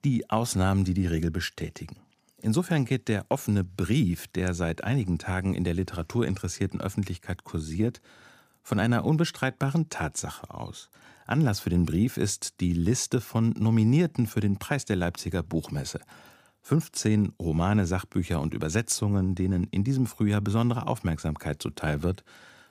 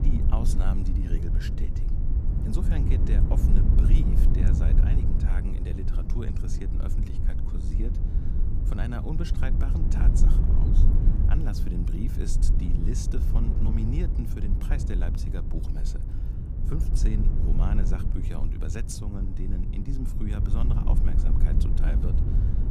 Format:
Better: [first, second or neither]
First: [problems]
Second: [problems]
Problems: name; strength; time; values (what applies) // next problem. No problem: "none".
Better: first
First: none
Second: low rumble; loud; throughout; as loud as the speech